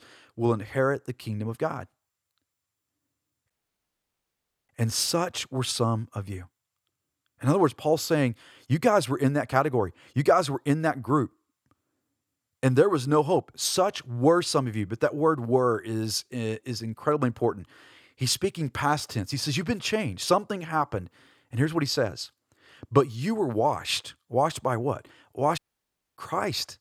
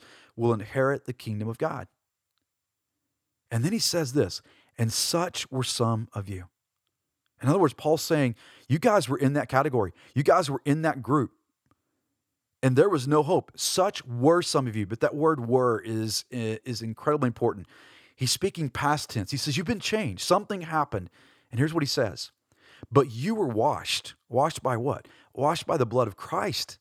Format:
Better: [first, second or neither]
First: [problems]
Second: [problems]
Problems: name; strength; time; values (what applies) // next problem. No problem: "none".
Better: second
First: audio cutting out; at 3.5 s for 1 s and at 26 s for 0.5 s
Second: none